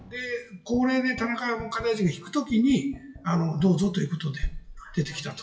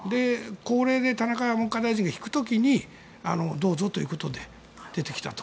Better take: second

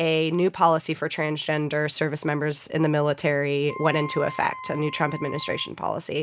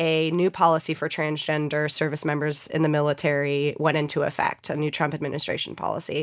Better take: second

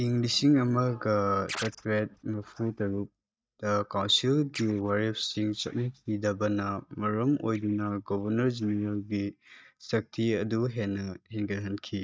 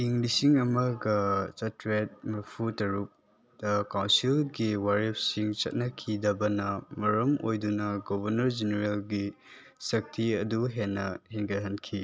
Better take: second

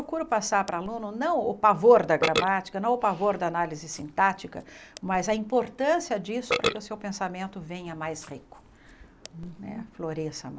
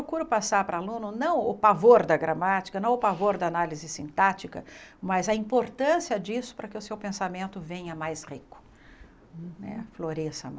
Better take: second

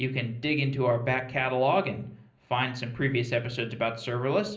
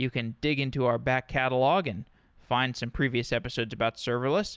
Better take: second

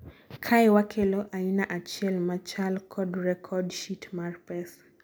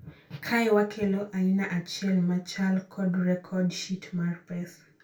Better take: first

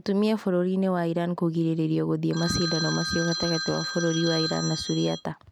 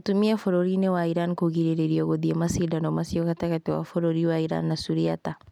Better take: second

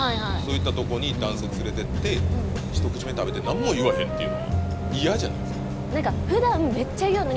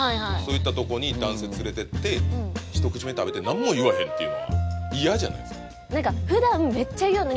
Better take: second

